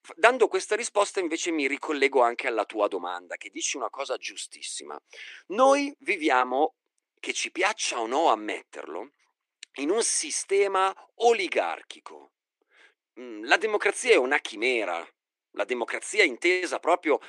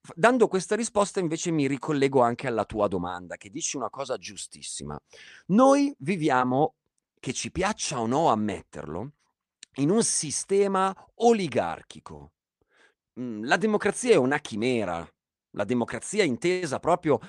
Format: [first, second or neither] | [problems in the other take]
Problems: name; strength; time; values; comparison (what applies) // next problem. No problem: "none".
second | thin; somewhat; fading below 300 Hz